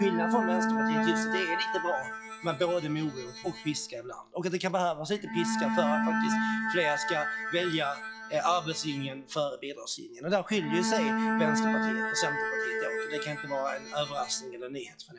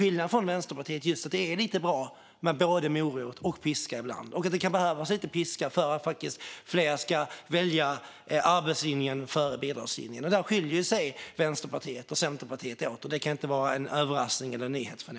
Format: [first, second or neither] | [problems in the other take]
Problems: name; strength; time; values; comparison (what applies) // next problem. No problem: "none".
second | noise reduction (classical method log-MMSE)